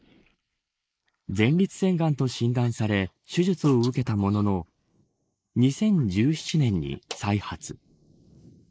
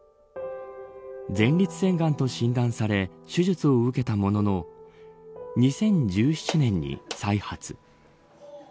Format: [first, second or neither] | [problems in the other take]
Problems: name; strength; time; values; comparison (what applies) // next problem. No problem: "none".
second | noise reduction (neural mask model Resemble Enhance denoiser)